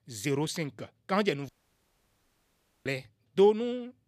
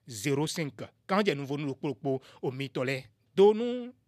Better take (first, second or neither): second